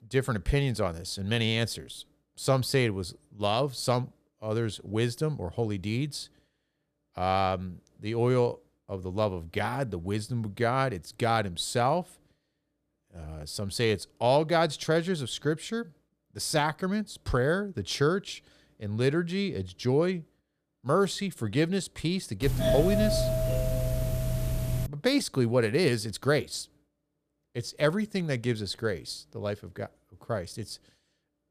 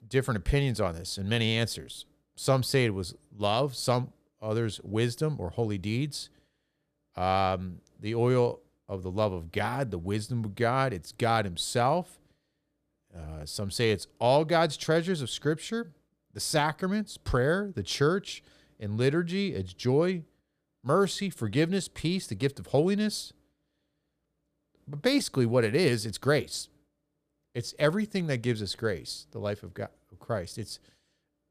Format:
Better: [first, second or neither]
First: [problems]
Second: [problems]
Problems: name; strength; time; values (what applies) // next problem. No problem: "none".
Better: second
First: doorbell; loud; from 22 to 25 s; peak 2 dB above the speech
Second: none